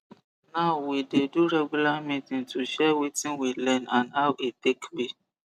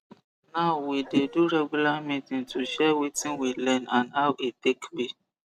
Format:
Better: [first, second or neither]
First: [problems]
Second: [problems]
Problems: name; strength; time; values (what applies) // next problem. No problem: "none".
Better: first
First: none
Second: background sound (Dog); 19 dB below the speech